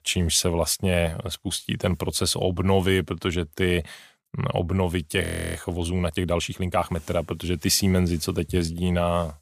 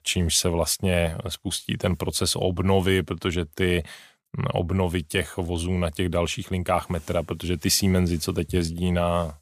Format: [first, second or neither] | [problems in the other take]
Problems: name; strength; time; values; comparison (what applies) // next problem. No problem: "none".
second | audio freezing; at 5 s